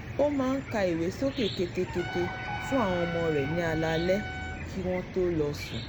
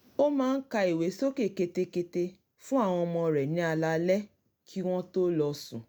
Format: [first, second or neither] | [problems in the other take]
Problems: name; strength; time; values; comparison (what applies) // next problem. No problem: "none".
second | background sound (Trumpet + Cricket / Chicken, rooster); 7 dB below the speech